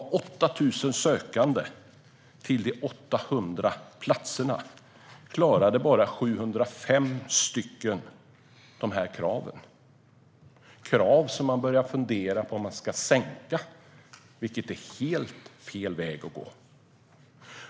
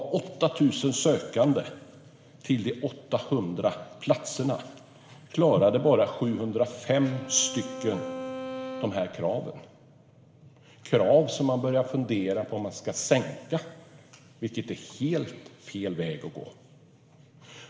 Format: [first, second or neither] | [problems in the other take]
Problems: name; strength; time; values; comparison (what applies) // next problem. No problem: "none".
first | background sound (Bowed string instrument); 11 dB below the speech // room echo; dies away in 2.6 s